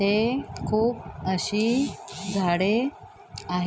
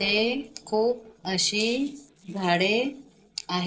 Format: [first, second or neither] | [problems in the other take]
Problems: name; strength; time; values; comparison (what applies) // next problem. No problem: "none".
first | noise reduction (neural separator model SepFormer DNS4)